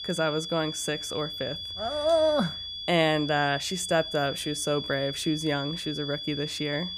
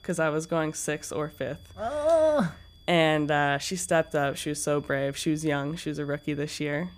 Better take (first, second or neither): second